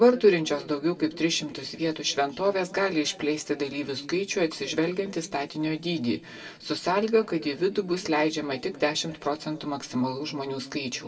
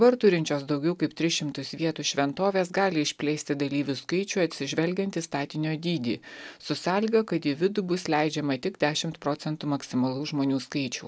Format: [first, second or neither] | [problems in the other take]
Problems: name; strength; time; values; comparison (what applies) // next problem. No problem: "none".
second | room echo; dies away in 1.7 s